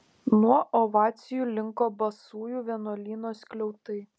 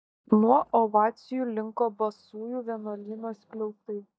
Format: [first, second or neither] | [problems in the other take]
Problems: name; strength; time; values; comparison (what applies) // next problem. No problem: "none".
first | noise reduction (neural mask model DeepFilterNet 3)